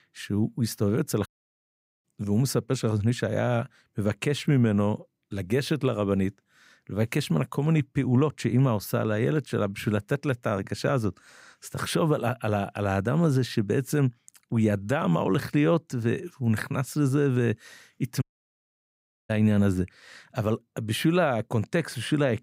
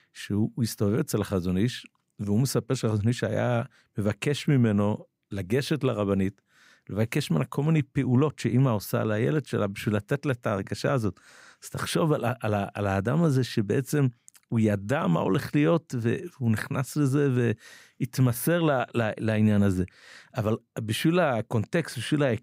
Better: second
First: audio cutting out; at 1.5 s for 1 s and at 18 s for 1 s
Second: none

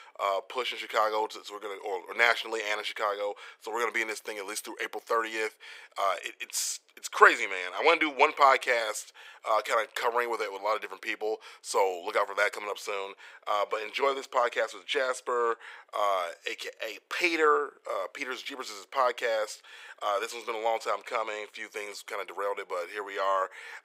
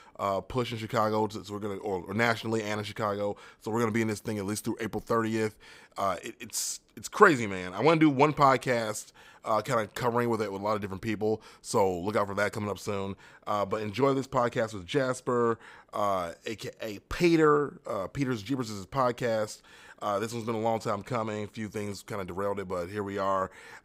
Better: second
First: thin; very; fading below 450 Hz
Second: none

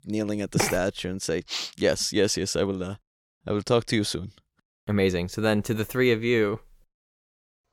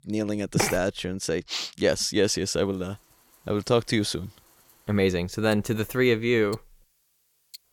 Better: first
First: none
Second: household noises; faint; from 2.5 s on; 25 dB below the speech

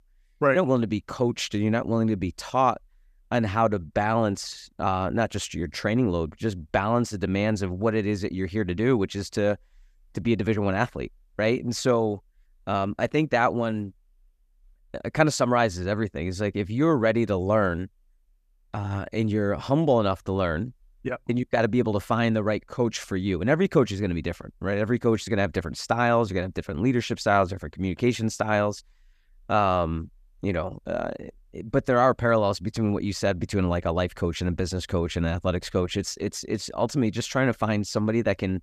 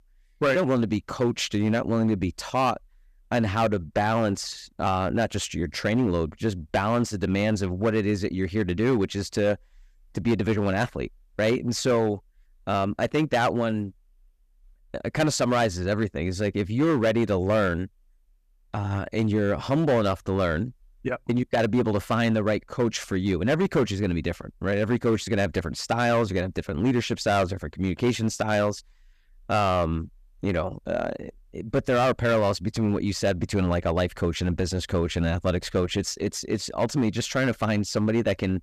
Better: first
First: none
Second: distortion; slight; 6% of the sound clipped

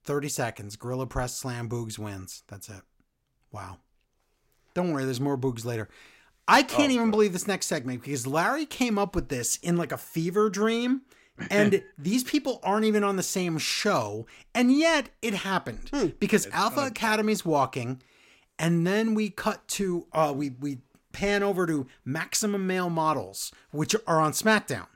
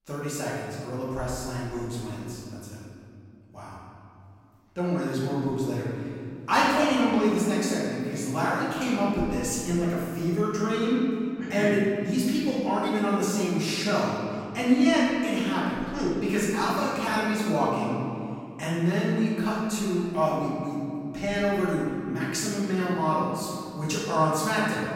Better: first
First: none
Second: room echo; strong; dies away in 2.4 s // off-mic speech; far

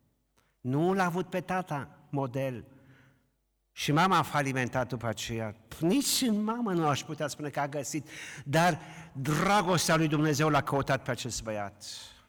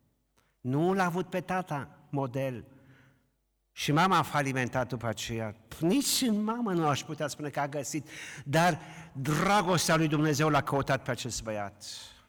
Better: neither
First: distortion; slight; 5% of the sound clipped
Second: distortion; slight; 5% of the sound clipped

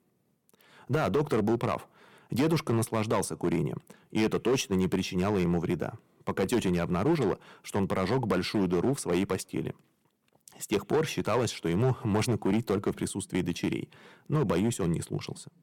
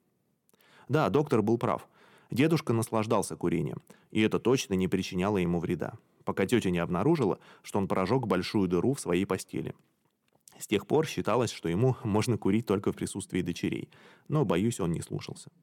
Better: second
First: distortion; slight; 6% of the sound clipped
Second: none

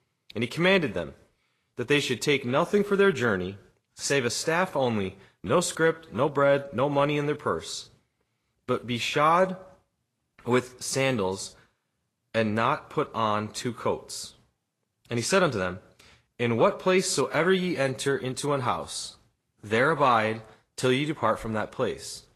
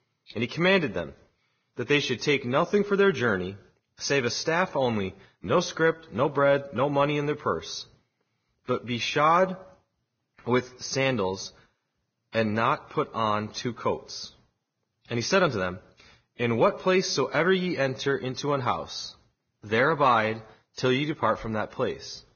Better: first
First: garbled, watery; slightly; nothing above 11.5 kHz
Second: garbled, watery; badly; nothing above 6.5 kHz

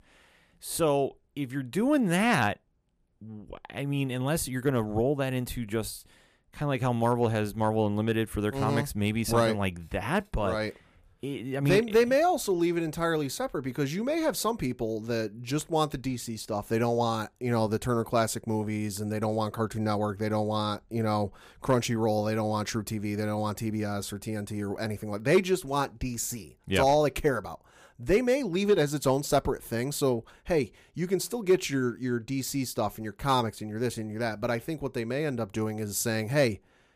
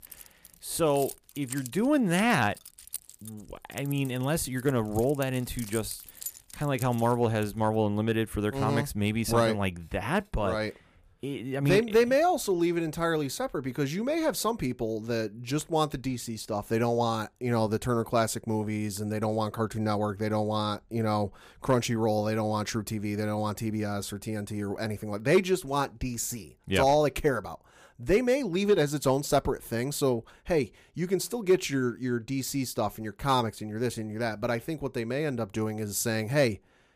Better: first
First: none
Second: jangling keys; noticeable; until 7.5 s; peak 9 dB below the speech

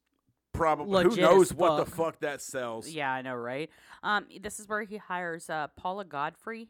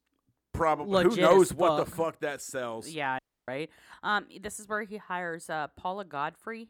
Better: first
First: none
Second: audio cutting out; at 3 s

